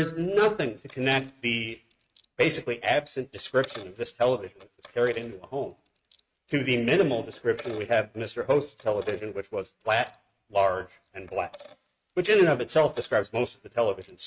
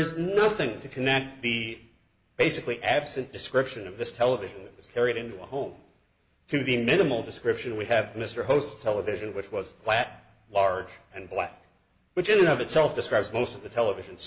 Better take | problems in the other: second | noise reduction (neural mask model RNNoise)

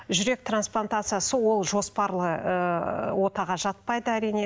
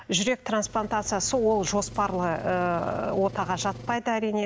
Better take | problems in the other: first | background sound (Engine); 14 dB below the speech

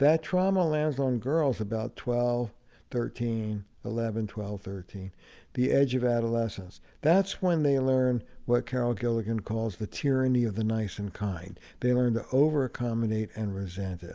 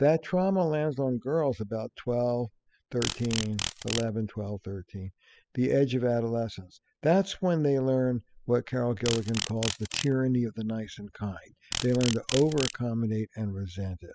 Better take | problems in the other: first | noise reduction (classical method spectral subtraction)

